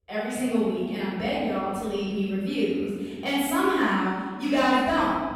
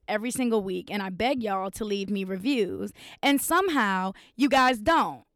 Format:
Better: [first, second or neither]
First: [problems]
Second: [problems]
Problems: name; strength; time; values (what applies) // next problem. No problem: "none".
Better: second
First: room echo; strong; dies away in 1.7 s // off-mic speech; far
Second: none